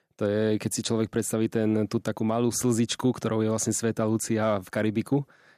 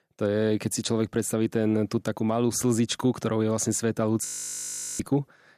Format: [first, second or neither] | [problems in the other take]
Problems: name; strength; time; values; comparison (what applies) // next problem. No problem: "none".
first | audio freezing; at 4.5 s for 0.5 s